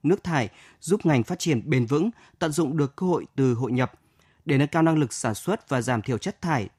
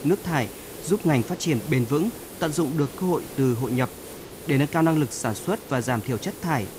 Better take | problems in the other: first | hiss; noticeable; throughout; 15 dB below the speech

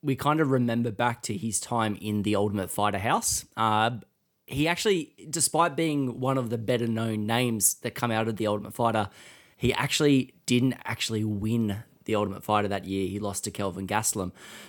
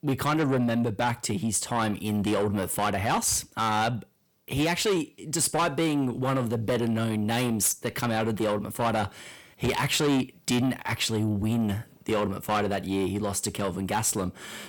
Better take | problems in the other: first | distortion; heavy; 7 dB below the speech

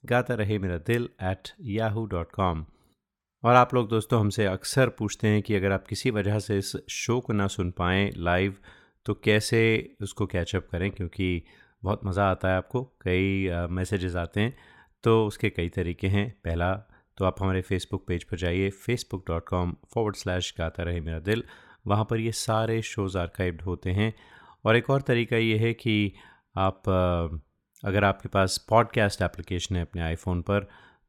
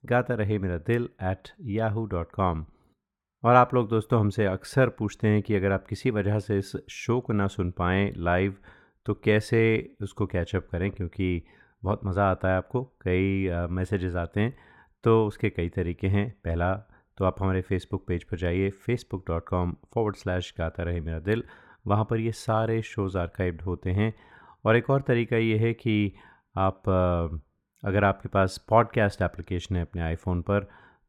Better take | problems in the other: first | muffled; slightly; fading above 3 kHz

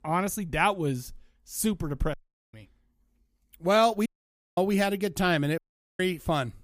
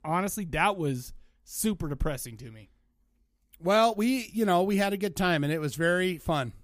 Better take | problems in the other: second | audio cutting out; at 2 s, at 4 s for 0.5 s and at 5.5 s

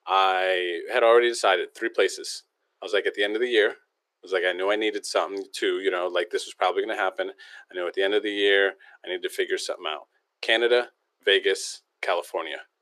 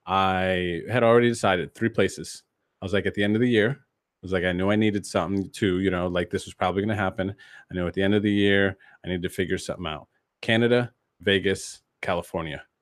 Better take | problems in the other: second | thin; very; fading below 350 Hz

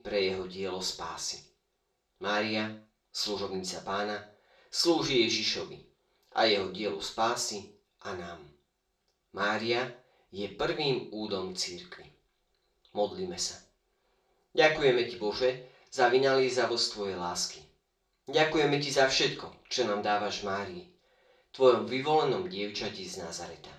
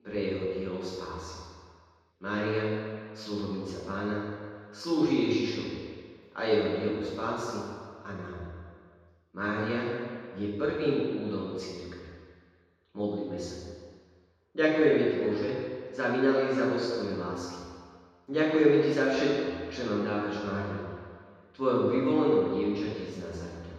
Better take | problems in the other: first | room echo; strong; dies away in 1.8 s; slight in the first // off-mic speech; far; far in the first

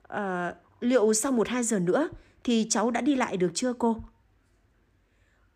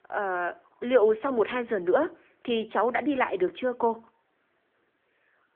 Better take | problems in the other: first | phone-call audio; nothing above 3.5 kHz

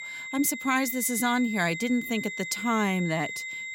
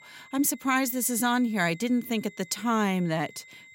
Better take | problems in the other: second | high-pitched whine; loud; throughout; 2 kHz, 7 dB below the speech; faint in the second

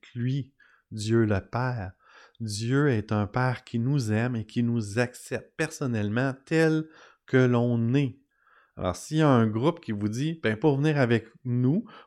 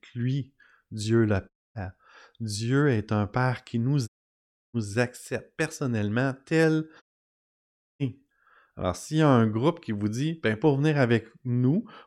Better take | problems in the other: first | audio cutting out; at 1.5 s, at 4 s for 0.5 s and at 7 s for 1 s

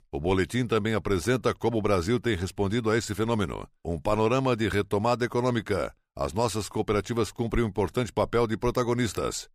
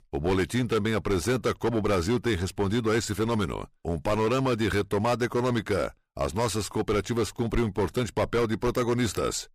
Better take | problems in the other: first | distortion; slight; 10% of the sound clipped

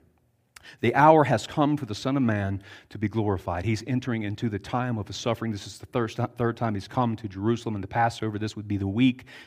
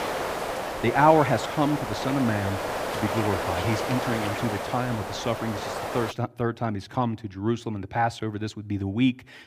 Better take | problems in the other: first | hiss; loud; until 6 s; 4 dB below the speech

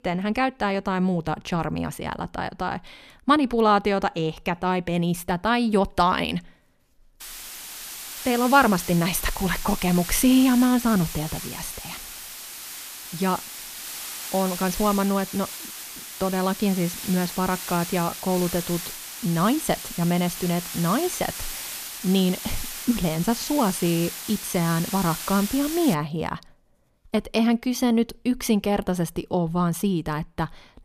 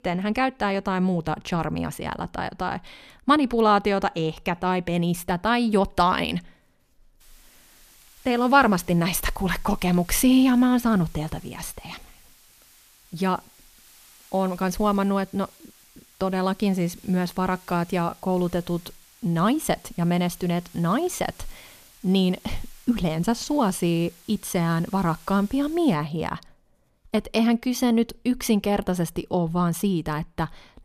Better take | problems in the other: second | hiss; loud; from 7 to 26 s; 9 dB below the speech; faint in the second

